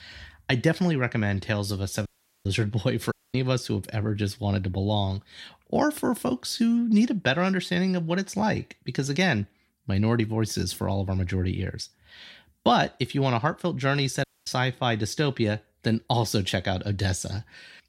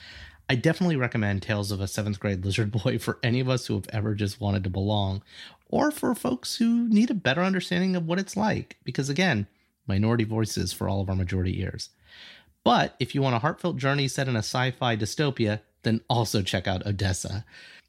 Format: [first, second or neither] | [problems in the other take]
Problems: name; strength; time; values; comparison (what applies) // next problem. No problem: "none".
second | audio cutting out; at 2 s, at 3 s and at 14 s